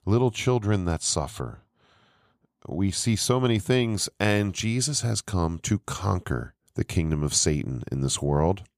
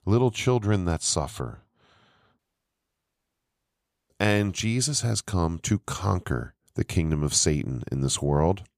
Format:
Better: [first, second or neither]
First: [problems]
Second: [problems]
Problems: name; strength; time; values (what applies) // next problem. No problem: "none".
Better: first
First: none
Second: audio cutting out; at 2.5 s for 1.5 s